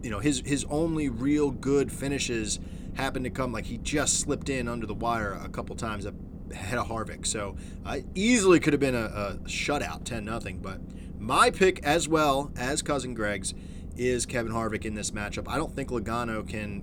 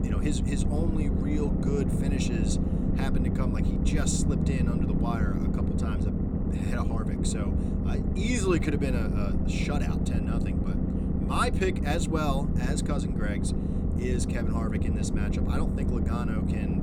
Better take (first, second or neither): first